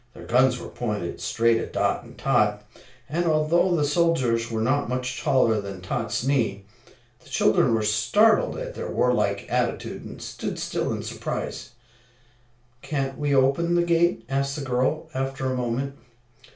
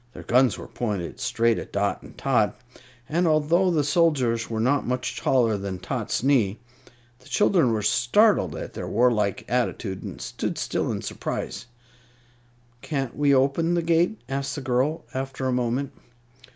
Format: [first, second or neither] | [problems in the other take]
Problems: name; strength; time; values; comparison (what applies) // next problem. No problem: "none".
second | room echo; dies away in 0.3 s